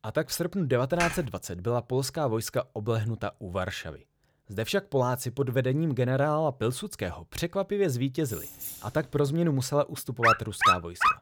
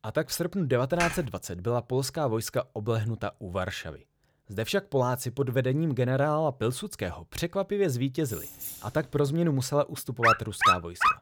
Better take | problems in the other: neither | keyboard typing; noticeable; at 1 s; peak 2 dB below the speech; the same in both // jangling keys; noticeable; at 8 s; peak 7 dB below the speech; the same in both // dog barking; loud; at 10 s; peak 6 dB above the speech; the same in both

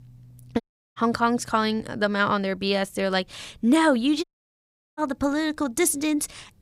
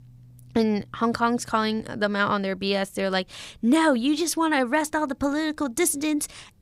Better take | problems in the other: second | audio cutting out; at 0.5 s and at 4 s for 0.5 s

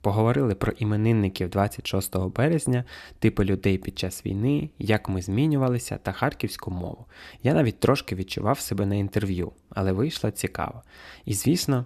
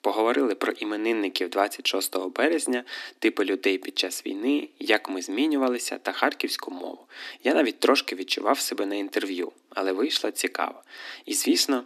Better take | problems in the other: first | thin; somewhat; fading below 250 Hz

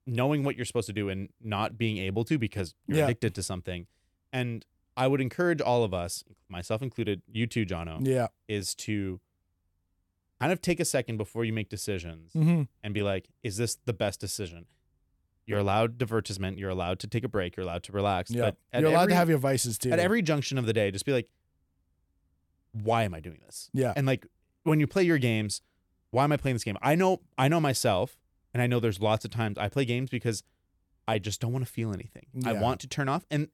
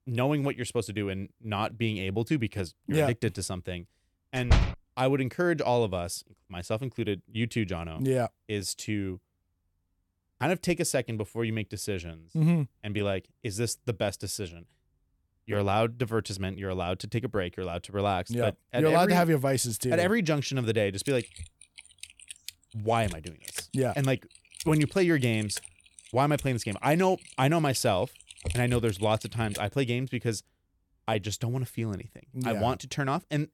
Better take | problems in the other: first | door banging; loud; at 4.5 s; peak 3 dB above the speech // keyboard typing; noticeable; from 21 to 30 s; peak 7 dB below the speech

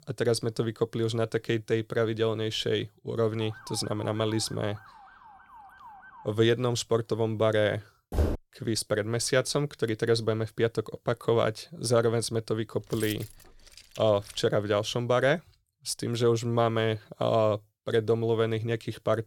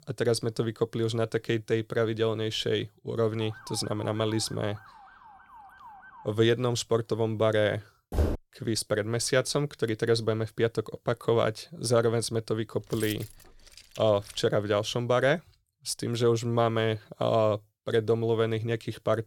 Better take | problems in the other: neither | siren; faint; from 3.5 to 6.5 s; peak 20 dB below the speech; the same in both // footsteps; noticeable; at 8 s; peak 2 dB below the speech; the same in both // jangling keys; faint; from 13 to 14 s; peak 10 dB below the speech; the same in both

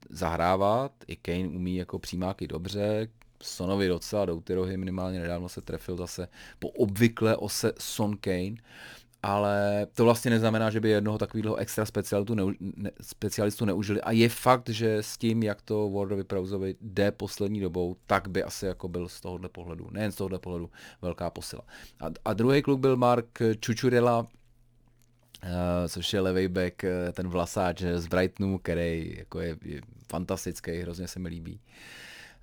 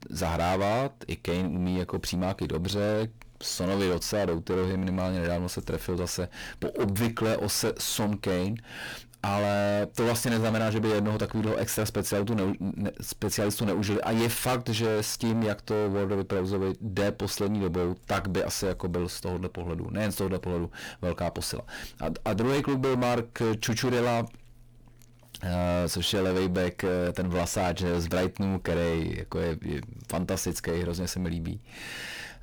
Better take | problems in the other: first | distortion; heavy; 6 dB below the speech

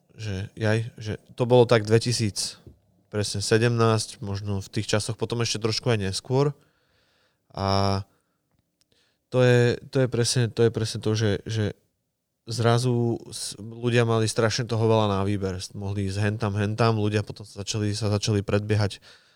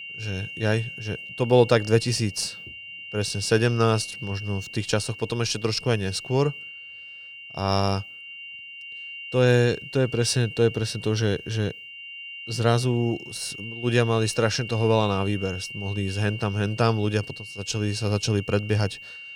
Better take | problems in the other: first | high-pitched whine; noticeable; throughout; 3 kHz, 10 dB below the speech

